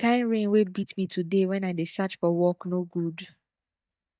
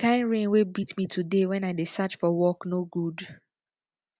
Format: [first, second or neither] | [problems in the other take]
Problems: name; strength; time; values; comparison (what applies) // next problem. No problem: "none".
second | noise reduction (neural mask model DeepFilterNet 3)